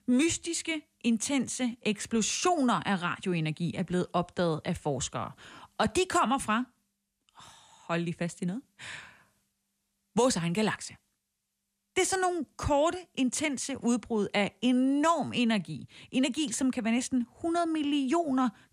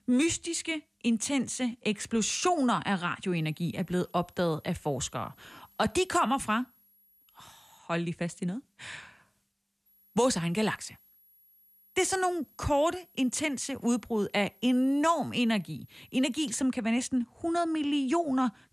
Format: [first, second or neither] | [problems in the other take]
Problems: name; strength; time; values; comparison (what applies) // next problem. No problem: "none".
first | high-pitched whine; faint; from 3.5 to 8 s and from 10 to 17 s; 11.5 kHz, 30 dB below the speech